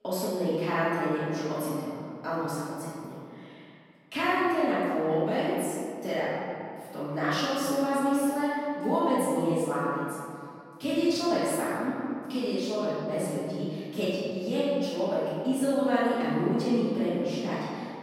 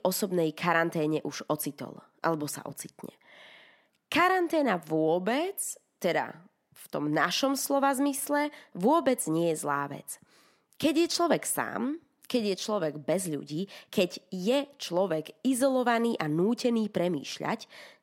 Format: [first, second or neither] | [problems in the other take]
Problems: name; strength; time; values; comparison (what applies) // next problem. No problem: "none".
second | off-mic speech; far // room echo; strong; dies away in 2.3 s